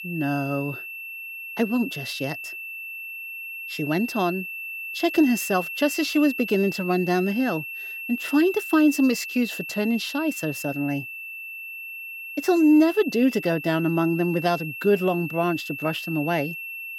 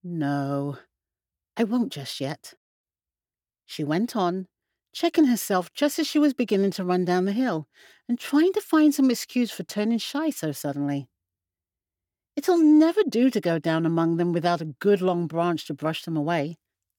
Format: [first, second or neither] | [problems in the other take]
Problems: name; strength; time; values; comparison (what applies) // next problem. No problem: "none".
second | high-pitched whine; loud; throughout; 2.5 kHz, 9 dB below the speech